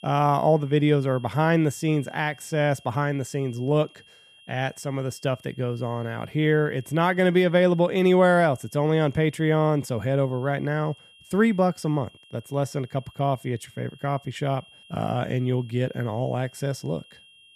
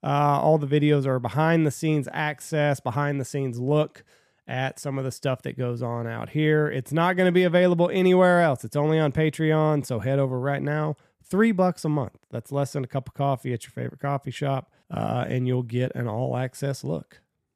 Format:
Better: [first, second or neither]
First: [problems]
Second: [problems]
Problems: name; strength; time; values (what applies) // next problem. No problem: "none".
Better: second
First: high-pitched whine; faint; throughout; 3 kHz, 25 dB below the speech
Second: none